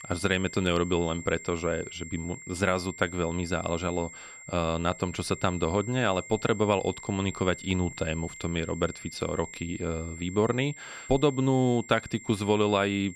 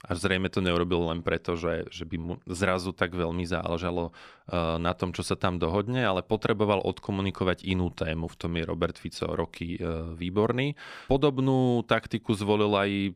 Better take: second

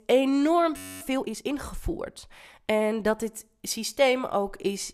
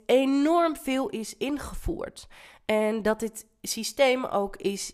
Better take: second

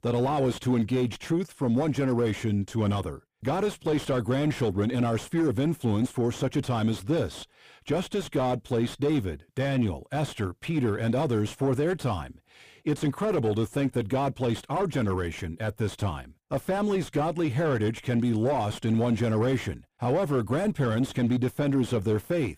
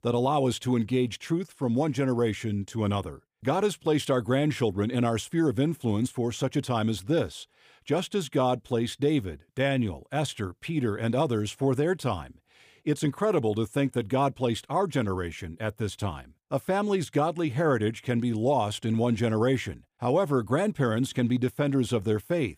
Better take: second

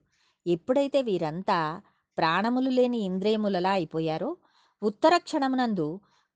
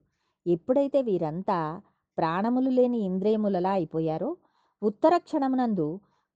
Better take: first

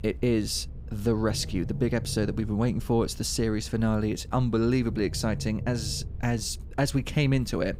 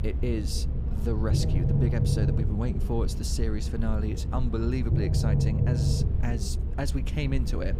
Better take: first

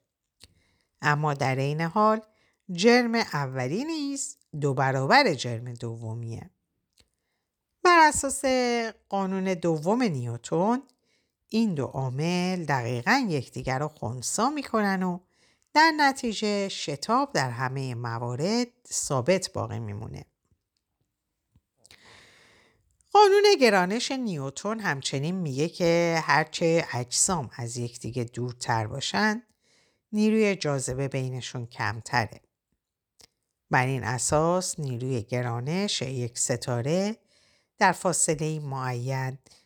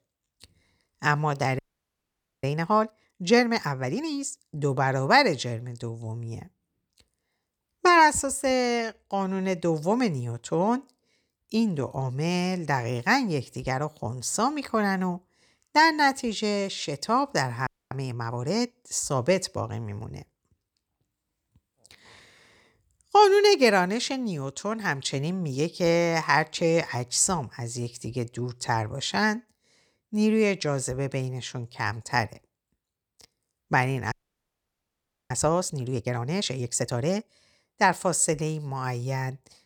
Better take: first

